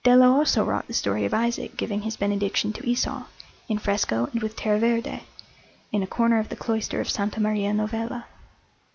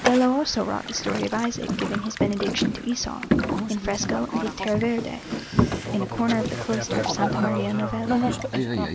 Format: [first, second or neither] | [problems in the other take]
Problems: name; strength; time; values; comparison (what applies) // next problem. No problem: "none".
first | background sound (Boat, Water vehicle); 1 dB below the speech